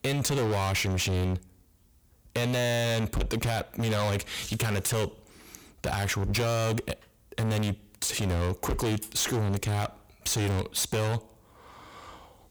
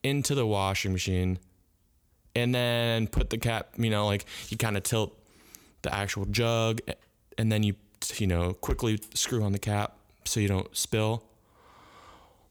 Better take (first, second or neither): second